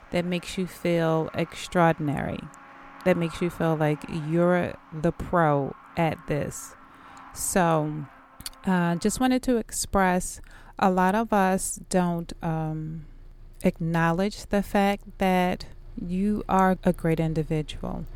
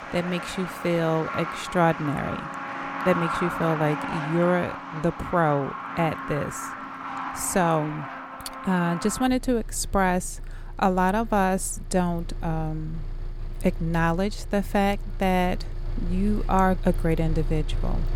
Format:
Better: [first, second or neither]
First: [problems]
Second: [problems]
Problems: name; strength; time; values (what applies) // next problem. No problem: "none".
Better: first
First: traffic noise; faint; throughout; 25 dB below the speech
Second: traffic noise; loud; throughout; 9 dB below the speech